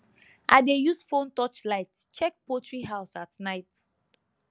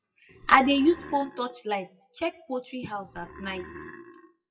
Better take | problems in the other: first | noise reduction (classical method WPE with log-MMSE)

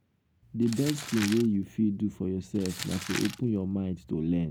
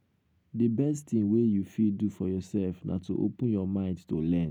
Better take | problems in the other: second | background sound (Crumpling, crinkling); 12 dB below the speech

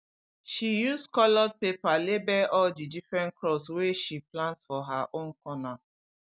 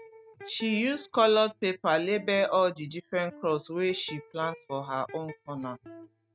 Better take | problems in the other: first | noise reduction (neural mask model RNNoise)

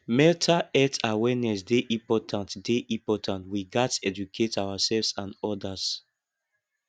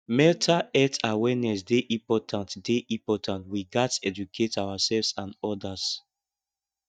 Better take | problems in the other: first | noise reduction (neural mask model DeepFilterNet 3)

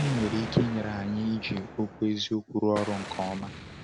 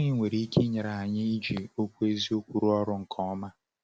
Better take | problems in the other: second | background sound (Explosion); 10 dB below the speech

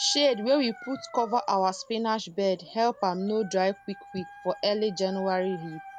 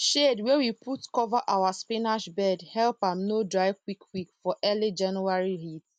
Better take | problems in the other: second | background sound (Dog); 18 dB below the speech

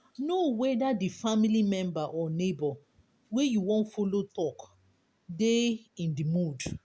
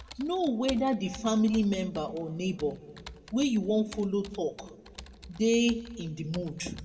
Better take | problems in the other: first | background sound (Computer keyboard); 18 dB below the speech // room echo; dies away in 1.1 s

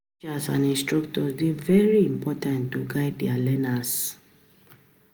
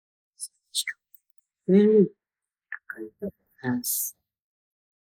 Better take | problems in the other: first | noise reduction (neural mask model Resemble Enhance denoiser)

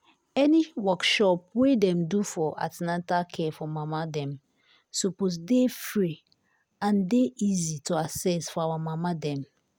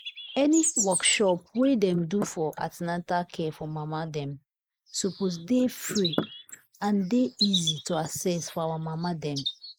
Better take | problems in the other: first | noise reduction (neural mask model Resemble Enhance denoiser)

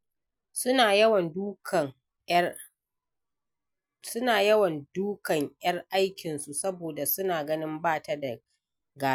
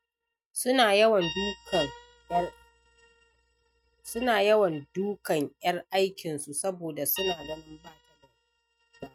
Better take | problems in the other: first | noise reduction (neural mask model RNNoise)

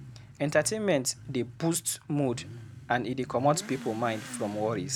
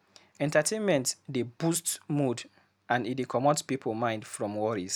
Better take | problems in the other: second | background sound (Motorcycle / Accelerating, revving, vroom); 14 dB below the speech

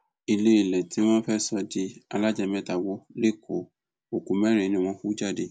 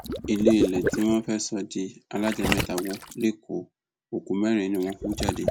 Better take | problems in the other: first | background sound (Water / Liquid); 4 dB below the speech

